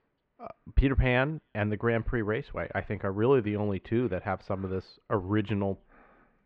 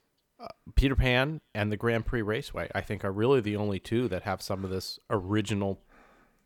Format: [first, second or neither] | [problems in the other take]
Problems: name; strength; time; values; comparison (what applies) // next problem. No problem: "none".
second | muffled; very; fading above 2.5 kHz